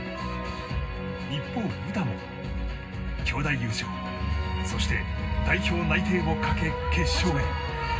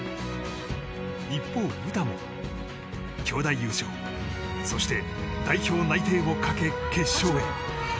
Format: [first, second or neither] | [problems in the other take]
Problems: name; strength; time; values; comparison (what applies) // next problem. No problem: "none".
second | background sound (Percussion); 19 dB below the speech // room echo; dies away in 0.4 s